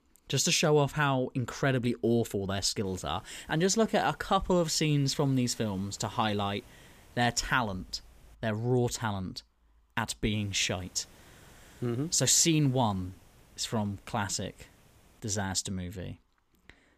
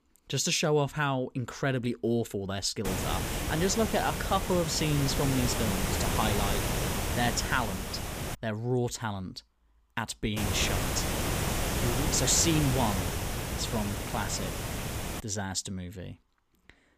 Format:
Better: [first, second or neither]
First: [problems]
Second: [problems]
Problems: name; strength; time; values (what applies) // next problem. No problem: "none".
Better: first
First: hiss; faint; from 3 to 8.5 s and from 10 to 15 s; 30 dB below the speech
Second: hiss; loud; from 3 to 8.5 s and from 10 to 15 s; 2 dB below the speech